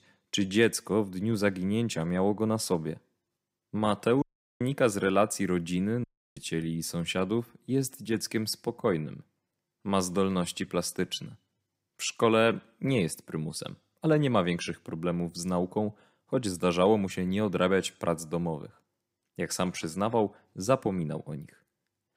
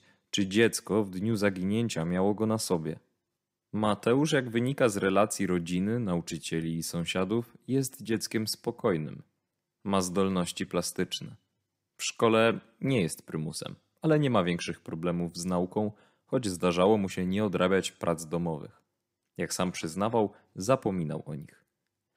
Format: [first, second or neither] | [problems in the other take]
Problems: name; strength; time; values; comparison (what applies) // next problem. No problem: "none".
second | audio cutting out; at 4 s and at 6 s